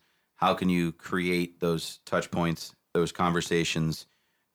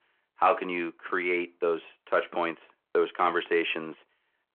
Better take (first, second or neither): first